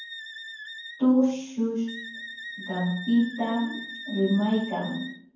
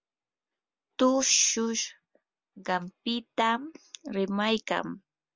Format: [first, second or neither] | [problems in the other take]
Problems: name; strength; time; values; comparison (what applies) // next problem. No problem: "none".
second | background sound (Wind instrument, woodwind instrument); 13 dB below the speech // room echo; dies away in 0.9 s